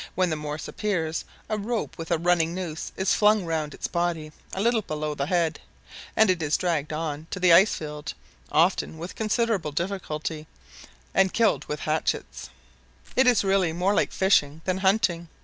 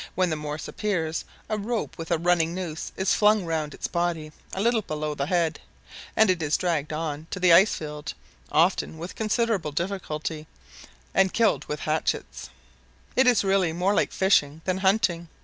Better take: second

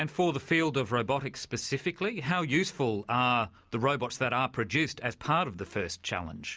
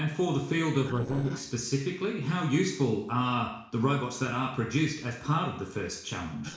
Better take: first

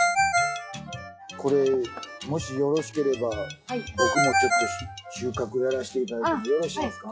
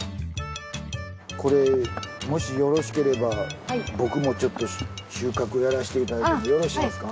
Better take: second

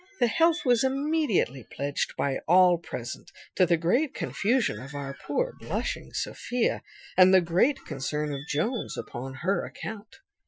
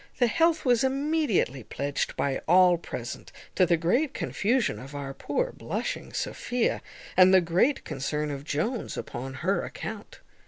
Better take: second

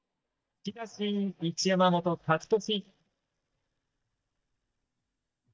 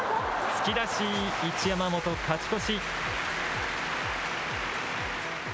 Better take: second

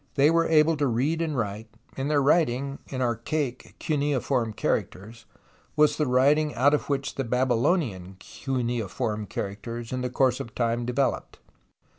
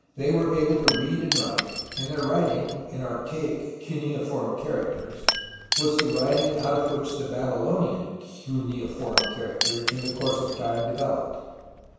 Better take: first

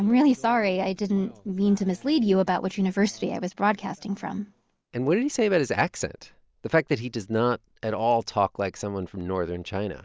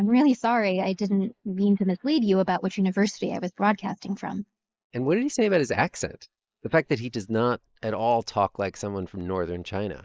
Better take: first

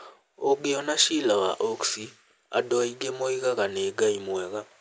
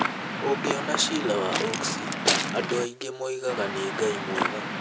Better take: first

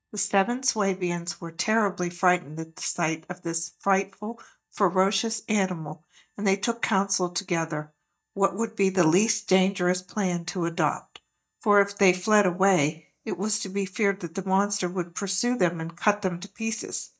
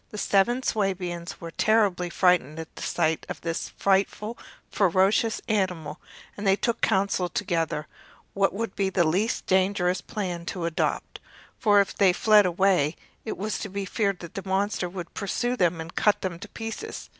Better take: second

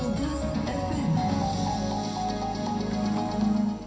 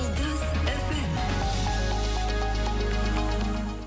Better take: second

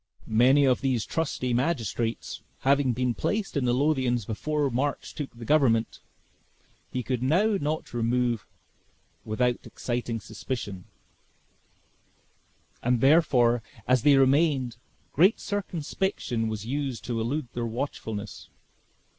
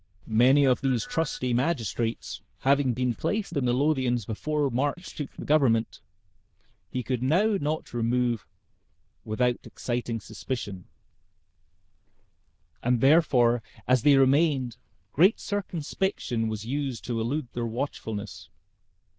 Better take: first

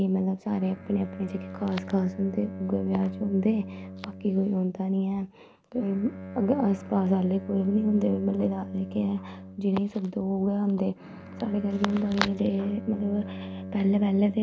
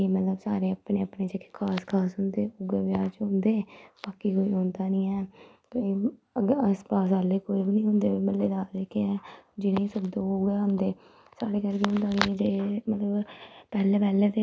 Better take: second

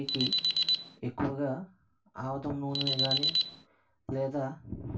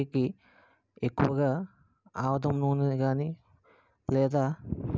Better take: second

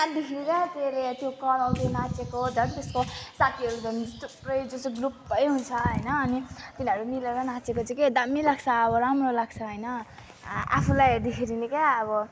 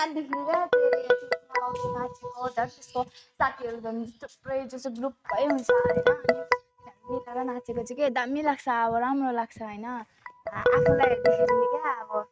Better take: first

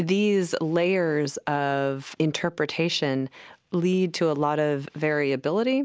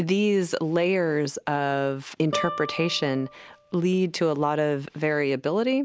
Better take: first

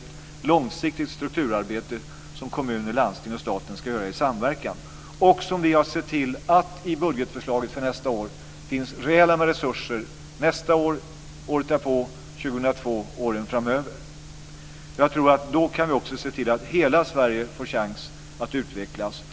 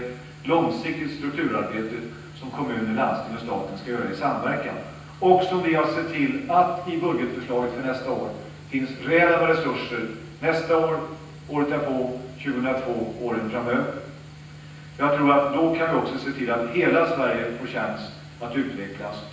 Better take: first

